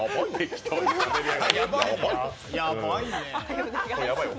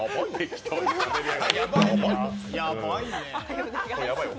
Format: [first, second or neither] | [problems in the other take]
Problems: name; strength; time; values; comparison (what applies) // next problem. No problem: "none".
first | background sound (Snare drum); 2 dB below the speech